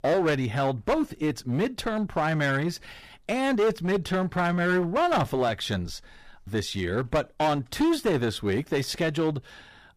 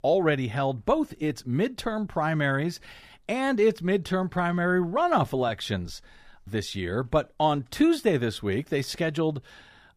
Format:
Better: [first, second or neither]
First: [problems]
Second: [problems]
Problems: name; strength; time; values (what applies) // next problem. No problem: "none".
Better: second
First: distortion; slight; 11% of the sound clipped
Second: none